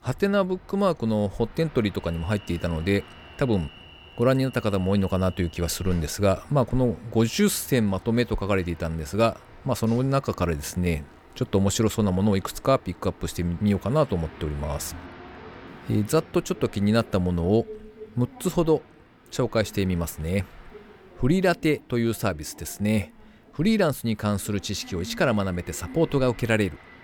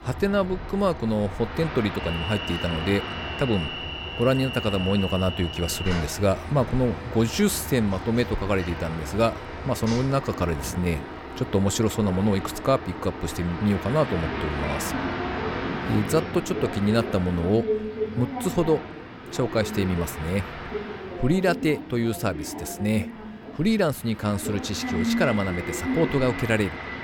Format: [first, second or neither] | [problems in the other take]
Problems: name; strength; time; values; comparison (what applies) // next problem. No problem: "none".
first | train or aircraft noise; loud; throughout; 7 dB below the speech; faint in the first